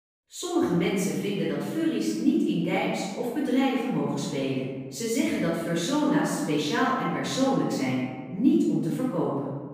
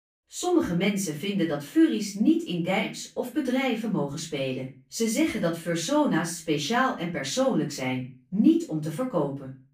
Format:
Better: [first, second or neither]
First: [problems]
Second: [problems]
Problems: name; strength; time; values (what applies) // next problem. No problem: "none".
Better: second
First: room echo; strong; dies away in 1.4 s // off-mic speech; far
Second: room echo; slight; dies away in 0.3 s // off-mic speech; far